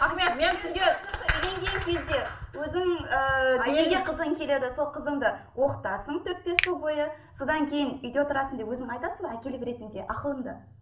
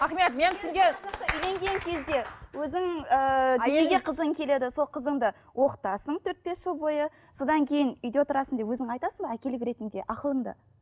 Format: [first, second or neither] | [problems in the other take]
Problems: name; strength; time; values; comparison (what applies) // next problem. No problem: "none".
second | background sound (Finger snapping); 8 dB below the speech // room echo; dies away in 0.4 s